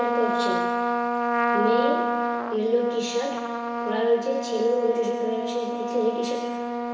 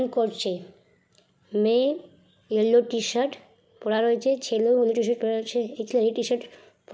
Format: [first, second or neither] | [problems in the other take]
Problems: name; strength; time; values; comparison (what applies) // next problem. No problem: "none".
second | background sound (Trumpet); as loud as the speech // room echo; dies away in 1.2 s